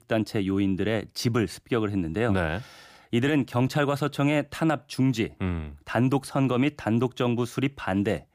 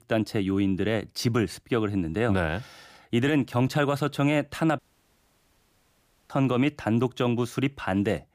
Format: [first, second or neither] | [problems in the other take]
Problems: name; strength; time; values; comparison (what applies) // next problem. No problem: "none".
first | audio cutting out; at 5 s for 1.5 s